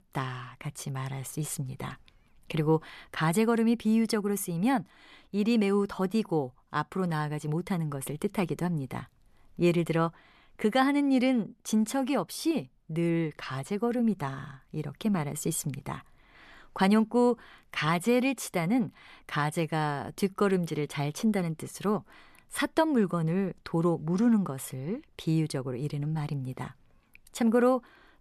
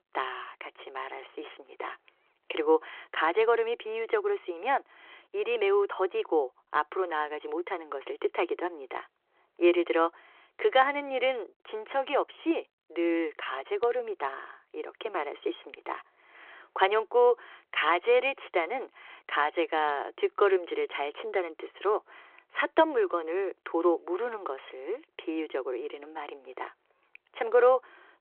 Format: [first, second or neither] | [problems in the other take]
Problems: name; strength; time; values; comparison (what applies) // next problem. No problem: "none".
first | phone-call audio